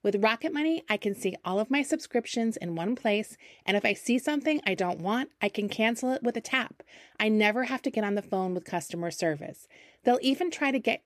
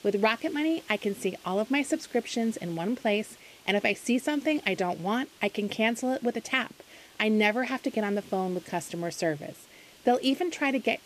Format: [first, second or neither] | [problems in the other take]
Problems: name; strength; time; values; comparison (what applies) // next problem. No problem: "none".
first | hiss; faint; throughout; 25 dB below the speech